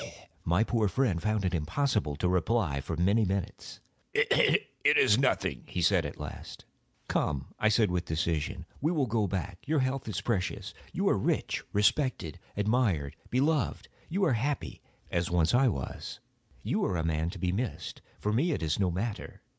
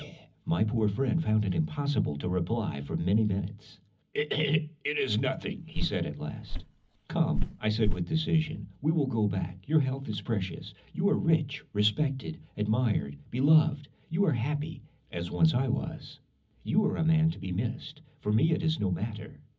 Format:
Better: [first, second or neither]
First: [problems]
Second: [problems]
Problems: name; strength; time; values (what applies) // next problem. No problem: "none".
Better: first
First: none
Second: background sound (Walk, footsteps); 4 dB below the speech // room echo; dies away in 0.4 s